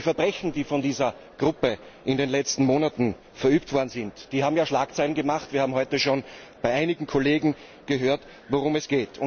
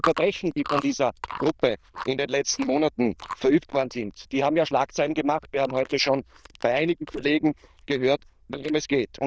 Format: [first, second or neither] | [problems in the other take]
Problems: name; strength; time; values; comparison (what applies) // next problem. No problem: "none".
first | noise reduction (neural diffusion model UNIVERSE++)